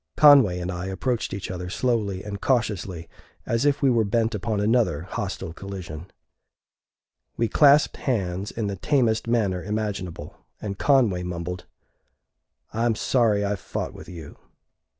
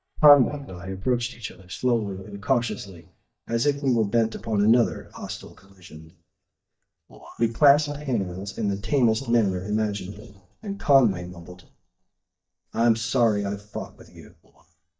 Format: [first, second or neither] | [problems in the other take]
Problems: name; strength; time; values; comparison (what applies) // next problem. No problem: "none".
first | noise reduction (neural mask model DeepFilterNet 3)